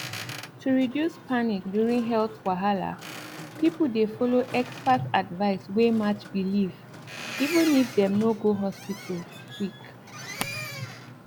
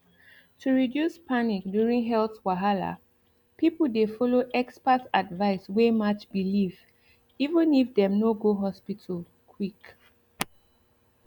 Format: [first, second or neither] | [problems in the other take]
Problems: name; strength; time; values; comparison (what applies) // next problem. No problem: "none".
second | background sound (Boat, Water vehicle); 13 dB below the speech